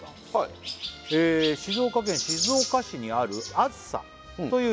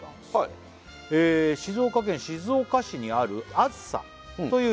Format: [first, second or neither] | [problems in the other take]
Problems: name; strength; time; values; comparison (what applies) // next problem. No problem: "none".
second | background sound (Chirp, tweet); 8 dB below the speech